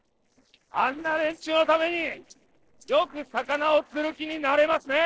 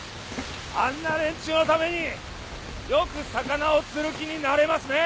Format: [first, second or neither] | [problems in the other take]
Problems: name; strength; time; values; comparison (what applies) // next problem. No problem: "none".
second | noise reduction (neural separator model SepFormer DNS4)